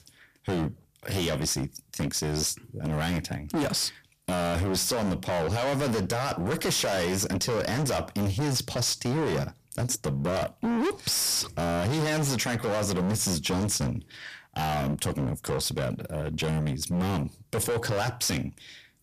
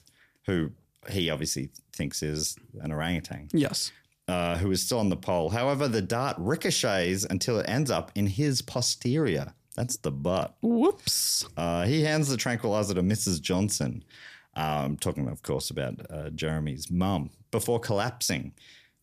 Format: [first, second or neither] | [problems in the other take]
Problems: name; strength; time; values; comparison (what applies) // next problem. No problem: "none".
second | distortion; heavy; 24% of the sound clipped